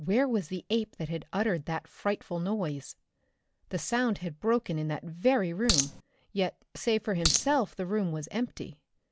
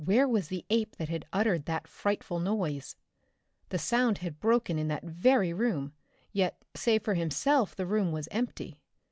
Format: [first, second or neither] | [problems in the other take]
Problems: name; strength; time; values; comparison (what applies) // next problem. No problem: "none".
second | background sound (Coin (dropping)); 2 dB above the speech